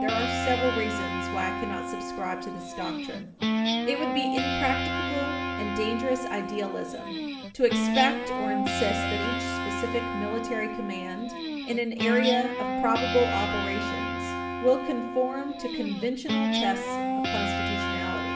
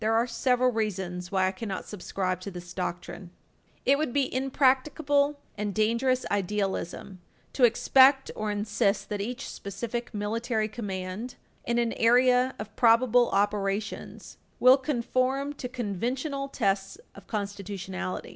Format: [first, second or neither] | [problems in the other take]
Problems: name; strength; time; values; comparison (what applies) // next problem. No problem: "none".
second | background sound (Guitar); 1 dB above the speech // room echo; dies away in 0.9 s